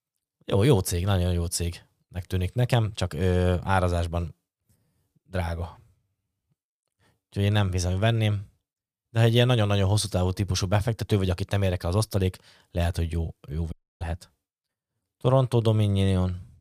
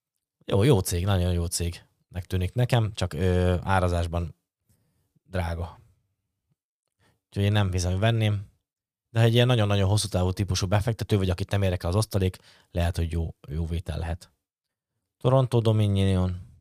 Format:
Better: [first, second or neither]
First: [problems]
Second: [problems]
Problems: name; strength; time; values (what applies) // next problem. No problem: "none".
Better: second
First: audio cutting out; at 14 s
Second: none